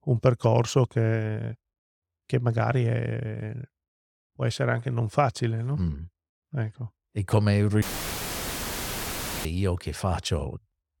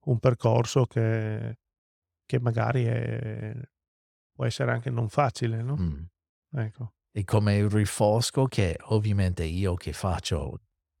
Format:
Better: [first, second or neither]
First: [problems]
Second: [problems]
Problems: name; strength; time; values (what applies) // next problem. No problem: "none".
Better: second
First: audio cutting out; filled with static; at 8 s for 1.5 s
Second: none